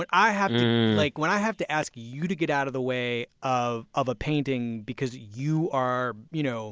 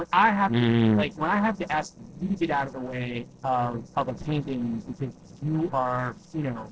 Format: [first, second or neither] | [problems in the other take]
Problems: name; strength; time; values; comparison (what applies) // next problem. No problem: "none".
first | noise reduction (neural separator model SepFormer DNS4)